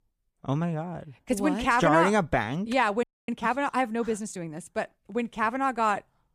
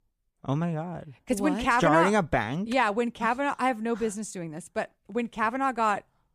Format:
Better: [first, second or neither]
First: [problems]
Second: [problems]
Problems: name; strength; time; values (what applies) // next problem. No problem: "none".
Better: second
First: audio freezing; at 3 s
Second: none